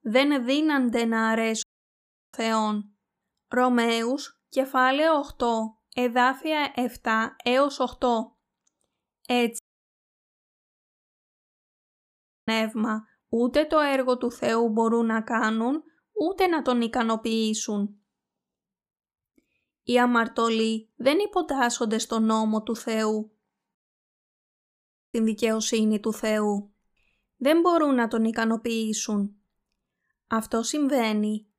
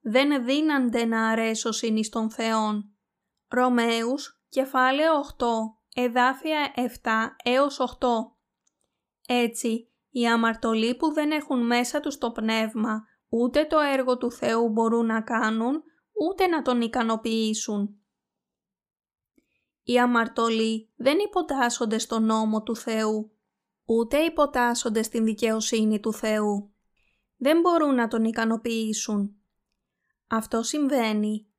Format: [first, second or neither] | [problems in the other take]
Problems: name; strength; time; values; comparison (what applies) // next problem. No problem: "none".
second | audio cutting out; at 1.5 s for 0.5 s, at 9.5 s for 3 s and at 24 s for 1.5 s